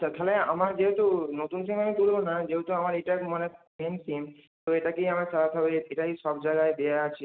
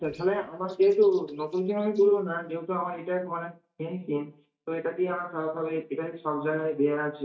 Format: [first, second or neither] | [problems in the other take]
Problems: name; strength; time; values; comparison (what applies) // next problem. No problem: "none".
first | noise reduction (neural mask model DeepFilterNet 3)